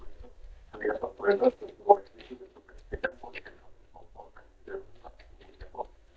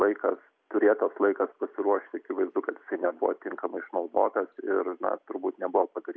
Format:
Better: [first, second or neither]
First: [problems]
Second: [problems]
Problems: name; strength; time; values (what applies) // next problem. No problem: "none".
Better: second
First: noise reduction (neural mask model DeepFilterNet 3)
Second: none